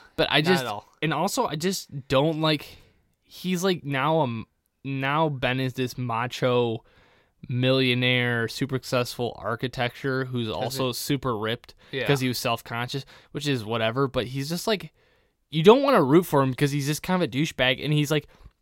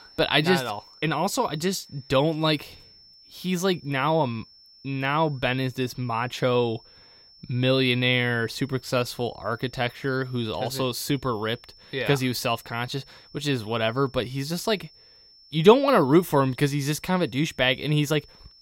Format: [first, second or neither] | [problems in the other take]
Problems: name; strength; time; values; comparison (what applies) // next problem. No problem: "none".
first | high-pitched whine; faint; throughout; 5.5 kHz, 25 dB below the speech